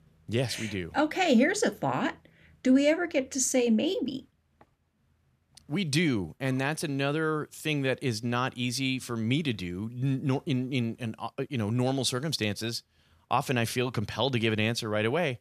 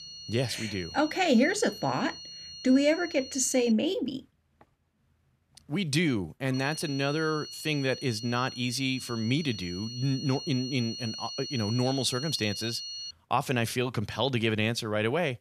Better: first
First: none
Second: high-pitched whine; noticeable; until 3.5 s and from 6.5 to 13 s; 4.5 kHz, 10 dB below the speech

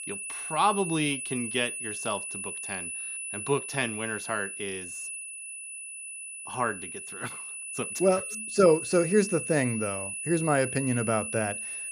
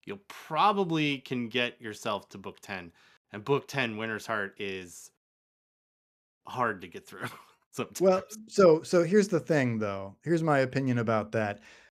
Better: second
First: high-pitched whine; loud; throughout; 10 kHz, 6 dB below the speech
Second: none

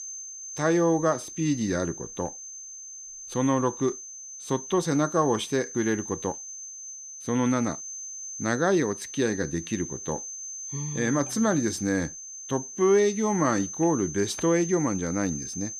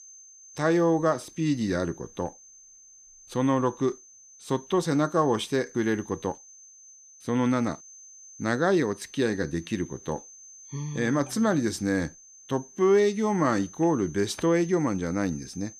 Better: second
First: high-pitched whine; loud; throughout; 6.5 kHz, 9 dB below the speech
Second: high-pitched whine; faint; throughout; 6.5 kHz, 20 dB below the speech

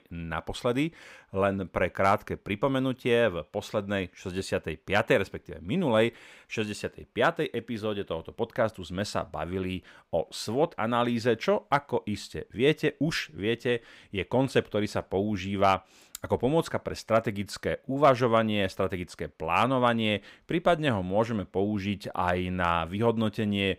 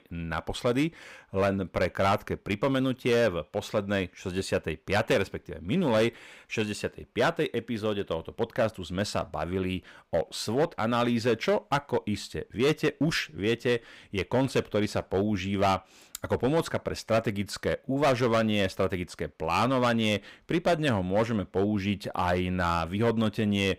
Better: first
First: none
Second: distortion; slight; 5% of the sound clipped

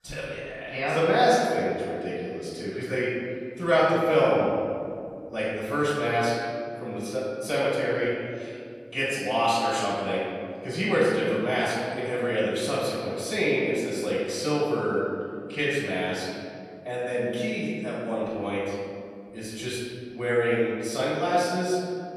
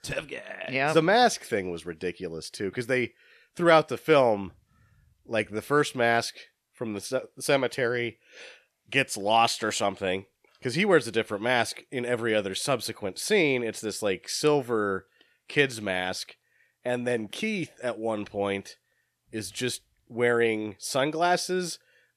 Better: second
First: off-mic speech; far // room echo; strong; dies away in 2.2 s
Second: none

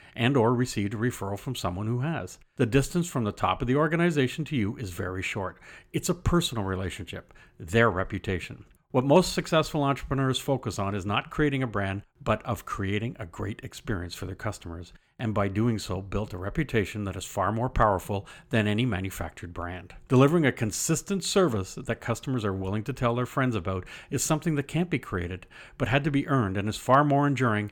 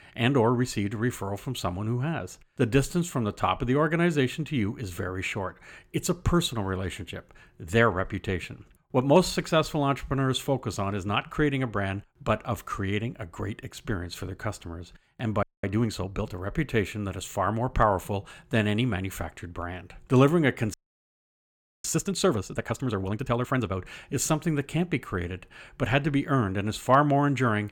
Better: first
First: none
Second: audio freezing; at 15 s and at 21 s for 1 s

